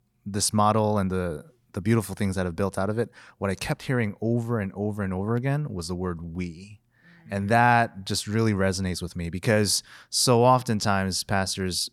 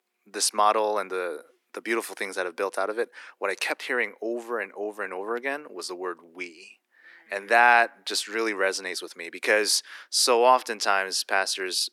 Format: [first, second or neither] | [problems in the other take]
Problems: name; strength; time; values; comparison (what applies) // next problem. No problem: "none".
first | thin; very; fading below 300 Hz